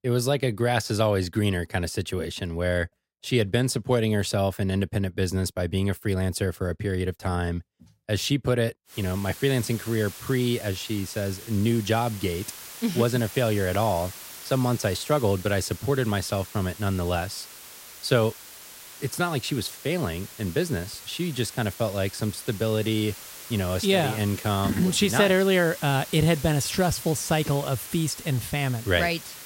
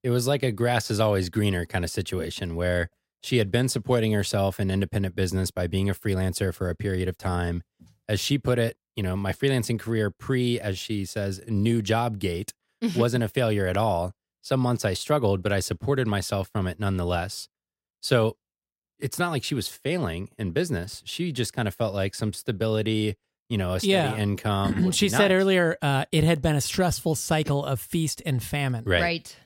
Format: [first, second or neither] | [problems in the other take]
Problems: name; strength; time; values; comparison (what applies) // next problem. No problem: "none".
second | hiss; noticeable; from 9 s on; 15 dB below the speech